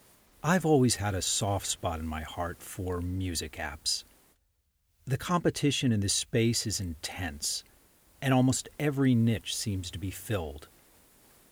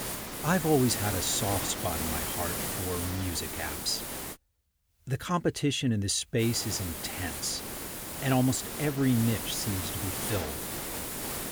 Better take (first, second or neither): first